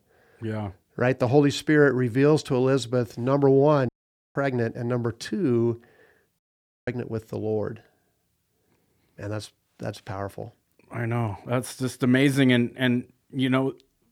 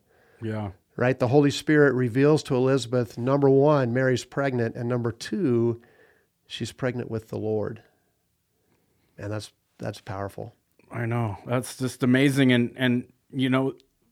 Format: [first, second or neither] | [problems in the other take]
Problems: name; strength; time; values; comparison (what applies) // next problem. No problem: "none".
second | audio cutting out; at 4 s and at 6.5 s